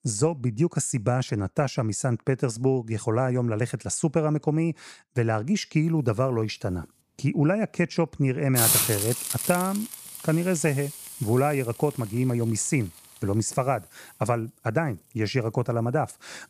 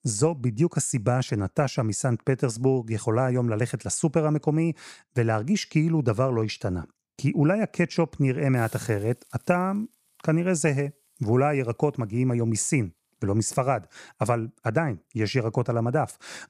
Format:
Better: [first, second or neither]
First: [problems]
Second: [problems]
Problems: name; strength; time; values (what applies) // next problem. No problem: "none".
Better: second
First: hiss; loud; from 6 s on; 1 dB below the speech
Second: hiss; faint; from 6 s on; 25 dB below the speech